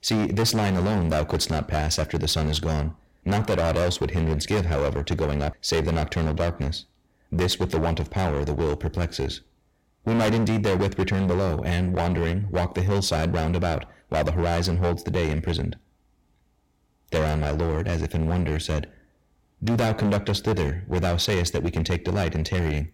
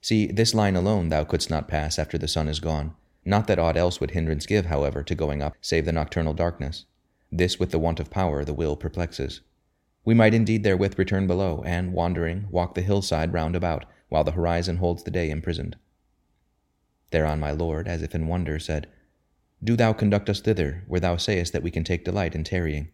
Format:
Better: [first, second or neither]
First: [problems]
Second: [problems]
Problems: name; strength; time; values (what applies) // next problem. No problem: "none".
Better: second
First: distortion; heavy; 17% of the sound clipped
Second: none